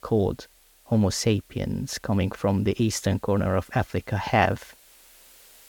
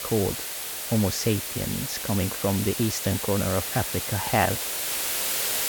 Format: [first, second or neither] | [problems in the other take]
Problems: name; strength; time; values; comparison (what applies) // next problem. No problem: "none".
first | hiss; loud; throughout; 1 dB below the speech; faint in the first